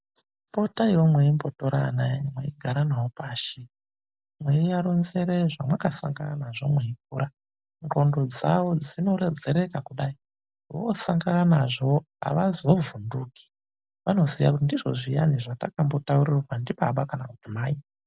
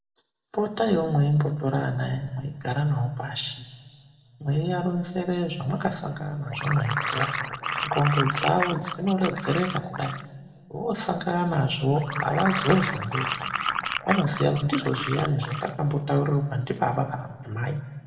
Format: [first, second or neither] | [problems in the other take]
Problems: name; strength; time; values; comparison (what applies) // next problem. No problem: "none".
first | background sound (Liquid); 4 dB below the speech // room echo; dies away in 1.4 s